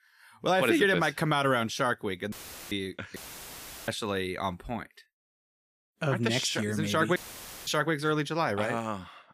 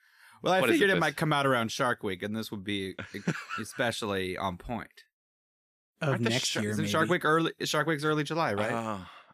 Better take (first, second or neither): second